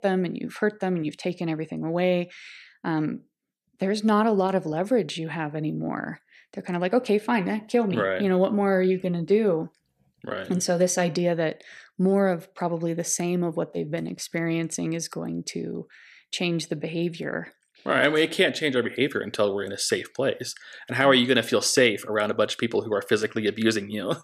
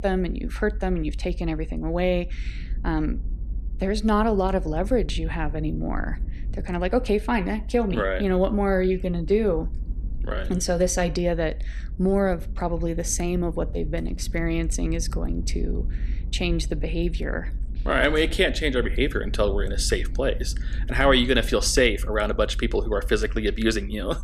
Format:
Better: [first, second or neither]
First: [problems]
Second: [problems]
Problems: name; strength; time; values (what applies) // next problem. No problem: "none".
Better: first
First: none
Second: low rumble; faint; throughout; 25 dB below the speech